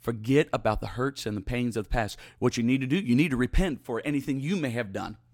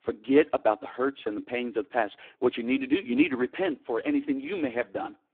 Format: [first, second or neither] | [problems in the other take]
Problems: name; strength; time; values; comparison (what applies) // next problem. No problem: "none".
first | phone-call audio; poor line